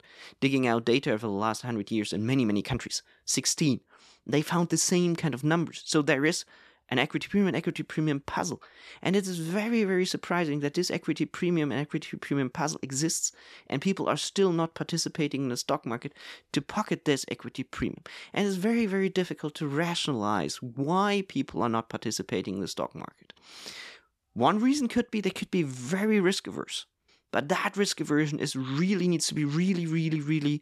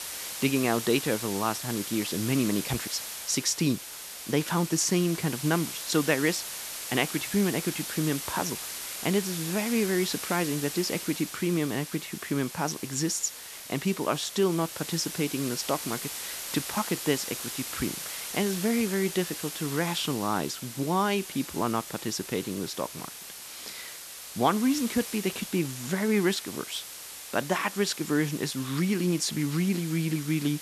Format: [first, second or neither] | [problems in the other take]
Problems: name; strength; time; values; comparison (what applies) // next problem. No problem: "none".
first | hiss; loud; throughout; 7 dB below the speech